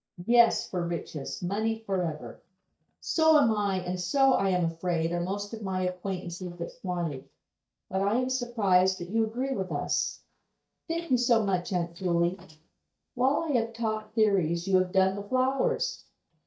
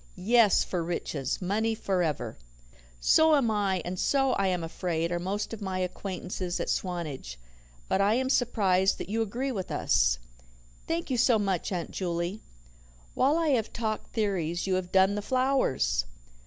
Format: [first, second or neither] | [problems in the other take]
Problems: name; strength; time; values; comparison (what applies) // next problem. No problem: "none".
second | noise reduction (neural mask model DeepFilterNet 3)